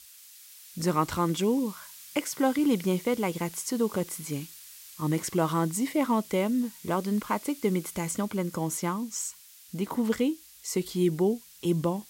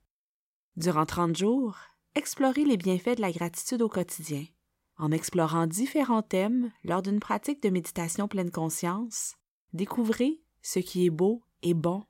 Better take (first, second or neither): second